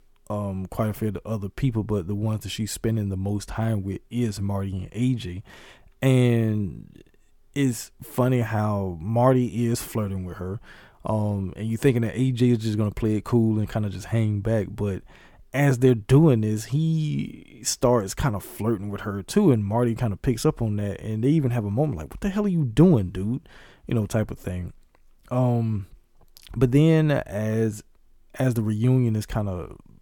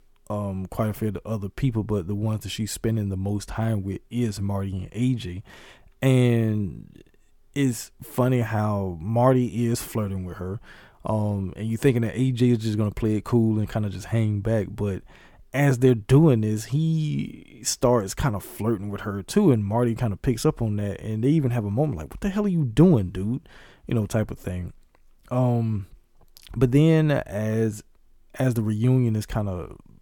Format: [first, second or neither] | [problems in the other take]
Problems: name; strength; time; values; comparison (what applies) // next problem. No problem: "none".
neither | none